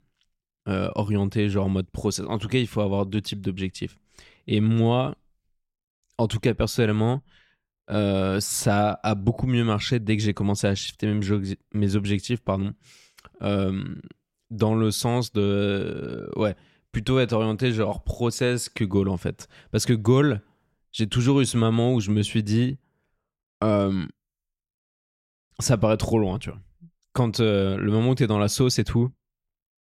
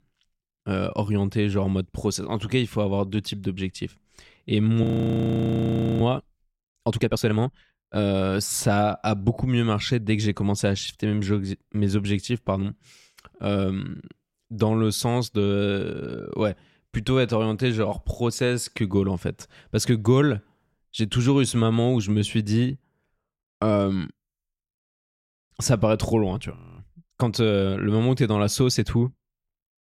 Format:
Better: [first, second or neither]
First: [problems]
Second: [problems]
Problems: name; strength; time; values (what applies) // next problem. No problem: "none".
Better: first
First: none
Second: audio freezing; at 5 s for 1 s and at 27 s